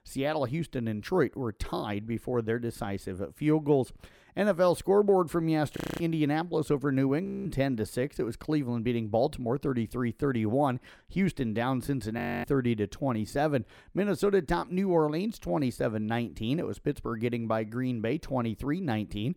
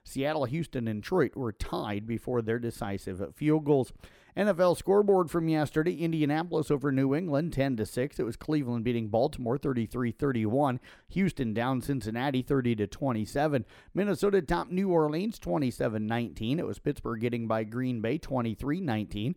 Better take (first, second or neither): second